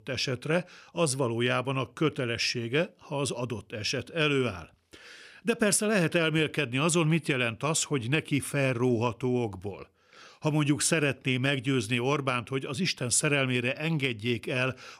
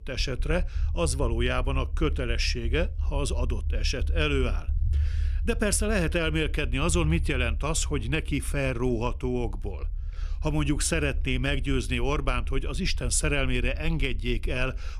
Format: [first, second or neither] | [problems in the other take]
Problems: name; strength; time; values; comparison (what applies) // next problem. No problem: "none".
first | low rumble; faint; throughout; 25 dB below the speech